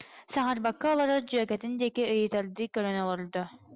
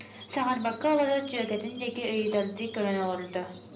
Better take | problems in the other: first | background sound (Squeak); 18 dB below the speech // room echo; dies away in 0.5 s

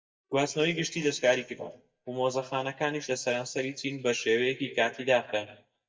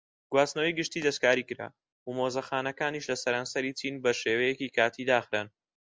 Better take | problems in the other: second | noise reduction (neural mask model DeepFilterNet 3)

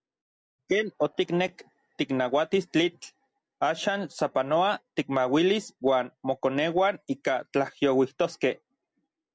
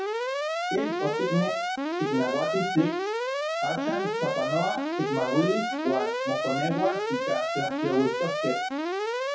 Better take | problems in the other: first | noise reduction (classical method WPE with log-MMSE)

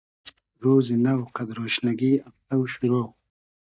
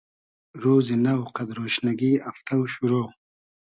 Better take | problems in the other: second | noise reduction (neural mask model DeepFilterNet 3)

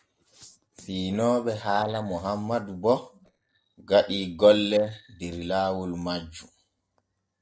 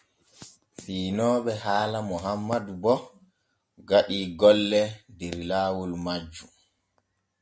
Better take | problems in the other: second | noise reduction (neural separator model SepFormer DNS4)

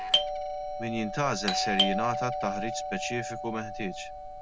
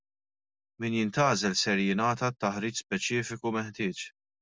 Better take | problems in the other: second | background sound (Doorbell); 2 dB above the speech

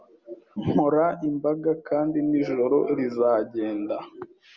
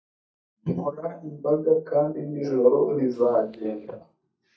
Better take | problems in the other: first | noise reduction (neural mask model DeepFilterNet 3)

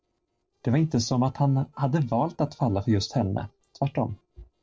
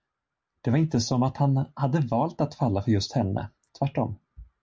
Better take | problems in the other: second | noise reduction (neural separator model SepFormer DNS4)

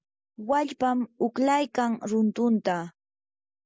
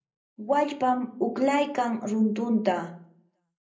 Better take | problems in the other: first | room echo; dies away in 0.5 s

